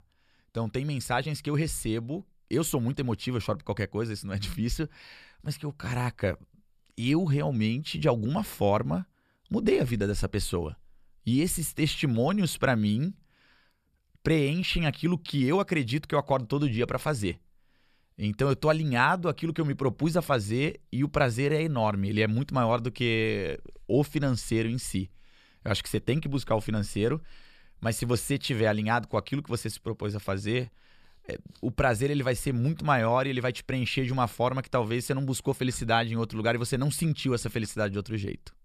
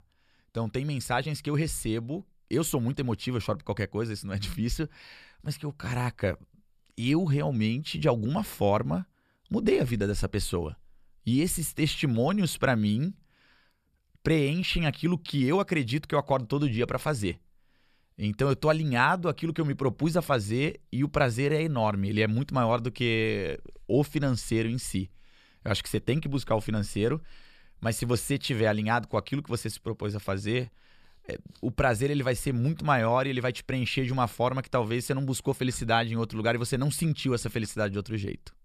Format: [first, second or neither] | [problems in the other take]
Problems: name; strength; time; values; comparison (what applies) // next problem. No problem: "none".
neither | none